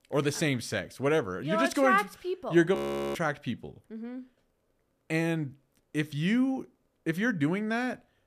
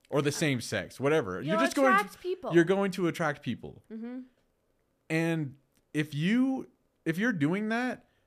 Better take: second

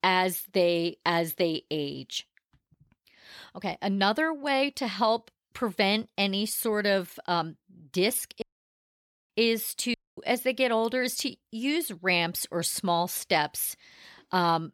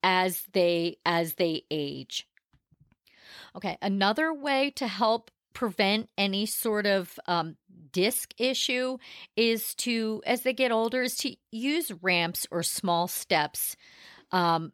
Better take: second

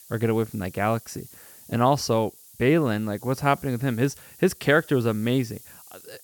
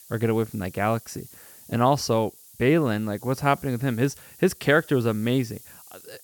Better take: neither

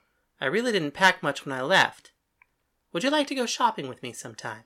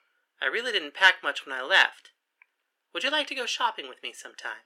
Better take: first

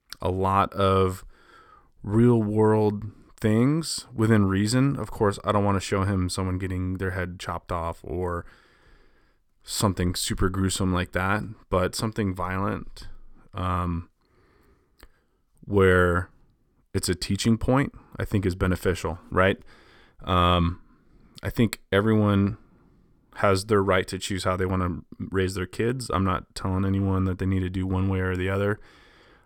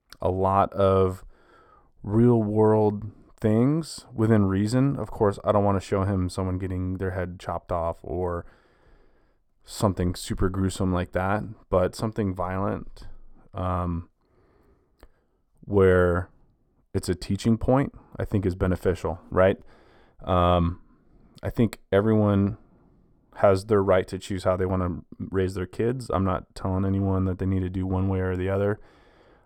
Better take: first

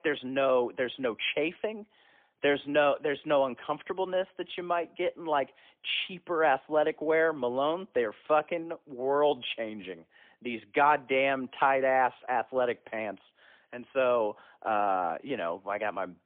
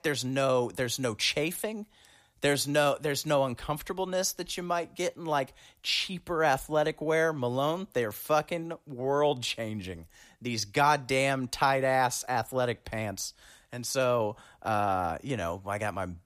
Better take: second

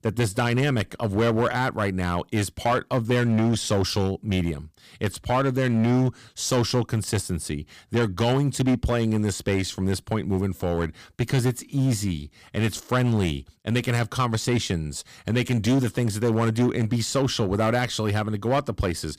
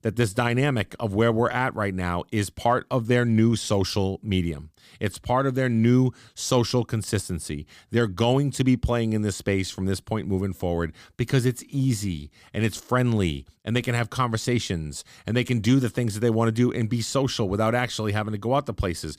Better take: second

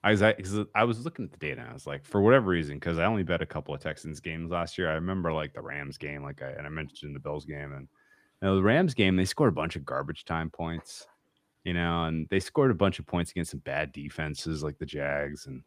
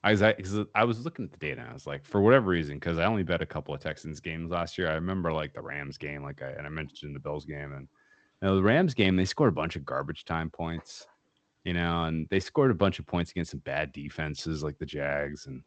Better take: first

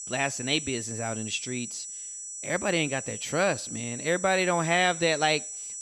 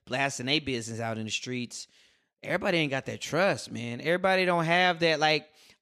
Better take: second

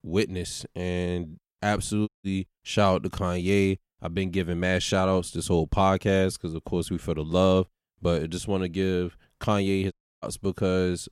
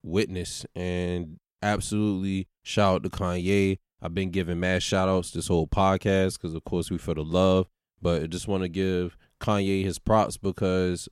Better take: second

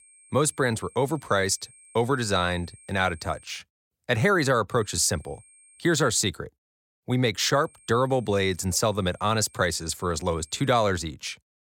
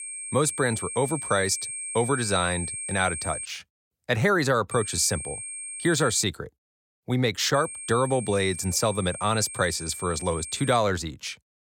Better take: first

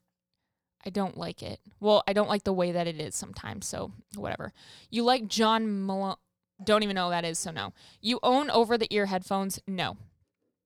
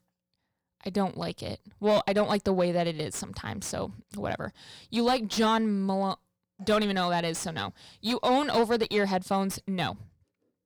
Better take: first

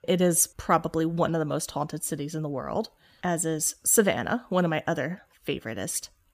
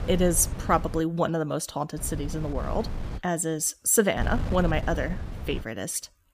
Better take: first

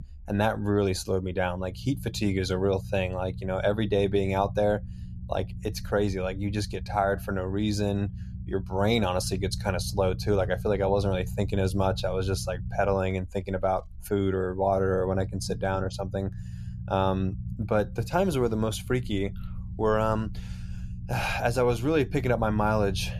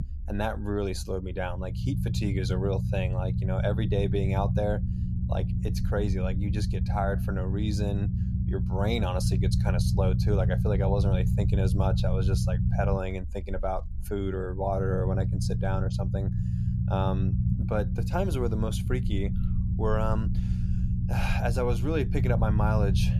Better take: first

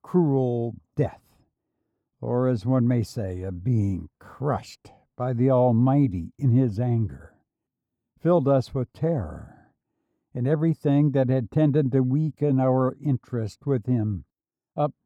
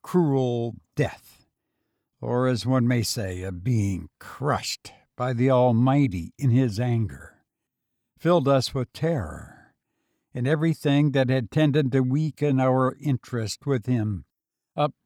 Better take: second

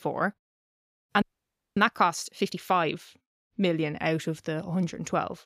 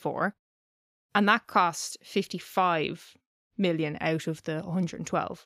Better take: second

